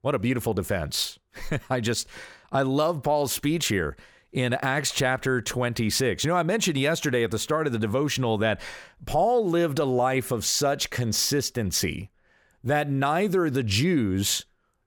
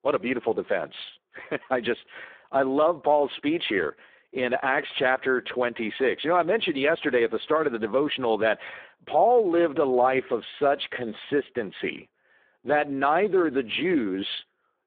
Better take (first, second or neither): first